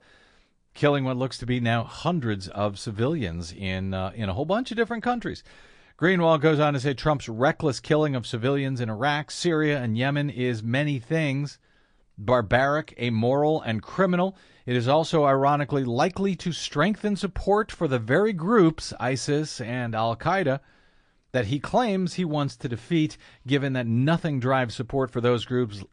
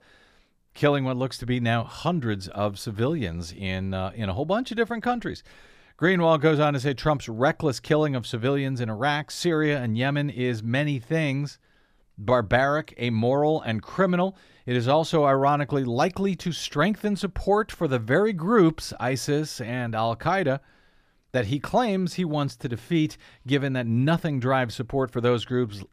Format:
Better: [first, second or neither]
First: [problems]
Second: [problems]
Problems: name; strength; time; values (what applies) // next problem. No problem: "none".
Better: second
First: garbled, watery; slightly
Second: none